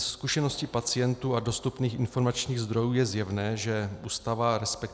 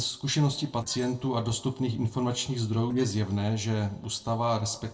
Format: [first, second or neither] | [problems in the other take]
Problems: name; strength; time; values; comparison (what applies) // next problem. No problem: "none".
first | noise reduction (neural separator model SepFormer DNS4)